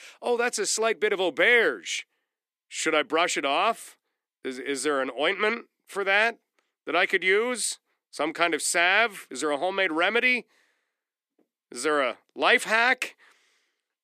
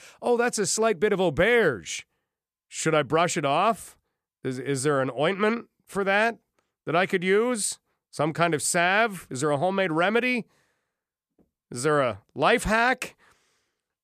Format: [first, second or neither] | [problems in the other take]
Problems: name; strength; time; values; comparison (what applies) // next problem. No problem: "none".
second | thin; very slightly; fading below 300 Hz